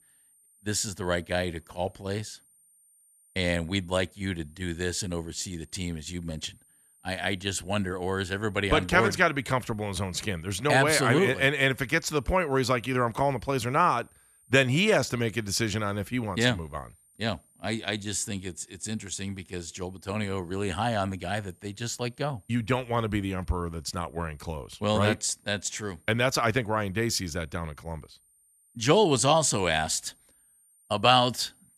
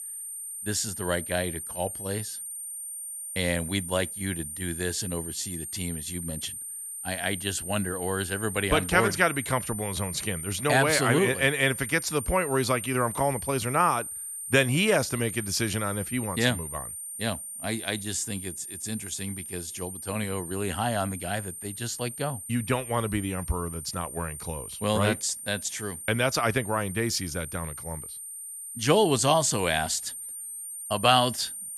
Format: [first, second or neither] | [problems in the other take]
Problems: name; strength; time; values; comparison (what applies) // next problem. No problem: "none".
first | high-pitched whine; loud; throughout; 9 kHz, 7 dB below the speech; faint in the first